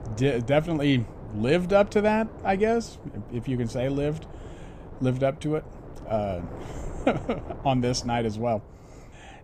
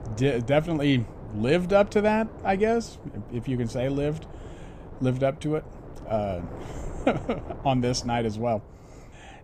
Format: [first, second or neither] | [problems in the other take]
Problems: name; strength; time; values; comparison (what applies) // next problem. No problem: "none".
neither | wind noise on the microphone; occasional gusts; 20 dB below the speech; the same in both